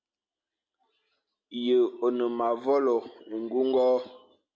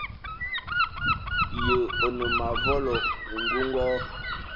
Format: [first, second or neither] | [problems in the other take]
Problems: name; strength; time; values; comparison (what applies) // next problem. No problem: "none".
first | background sound (Gull, seagull / Wind); 2 dB above the speech